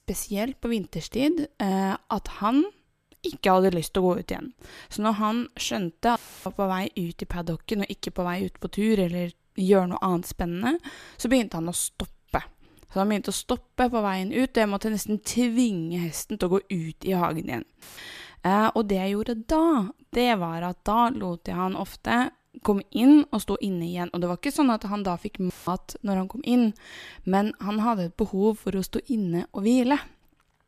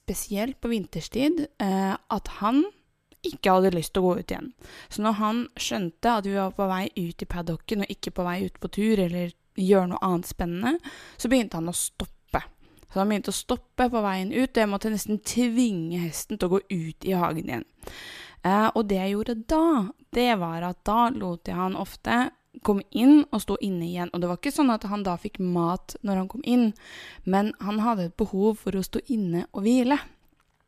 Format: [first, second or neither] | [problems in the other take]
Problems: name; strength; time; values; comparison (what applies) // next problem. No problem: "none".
second | audio cutting out; filled with static; at 6 s, at 18 s and at 26 s